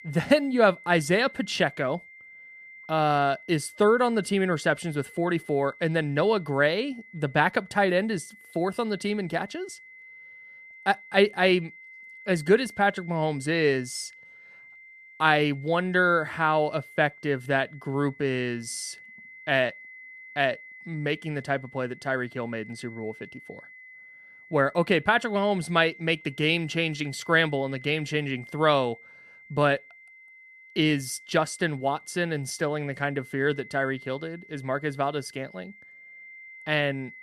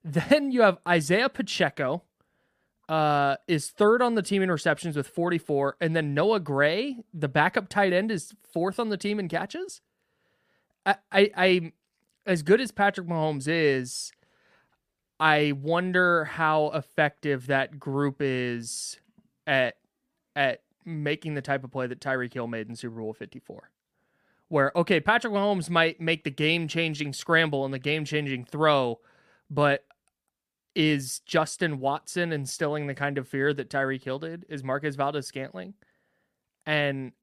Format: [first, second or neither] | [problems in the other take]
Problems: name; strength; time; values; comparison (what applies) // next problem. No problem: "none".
second | high-pitched whine; faint; throughout; 2 kHz, 20 dB below the speech